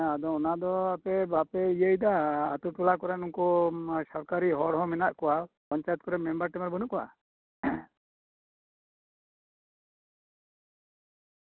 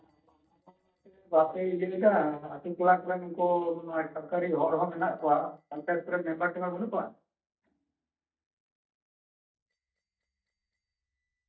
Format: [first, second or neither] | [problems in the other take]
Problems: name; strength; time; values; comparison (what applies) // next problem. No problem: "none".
first | noise reduction (neural mask model DeepFilterNet 3)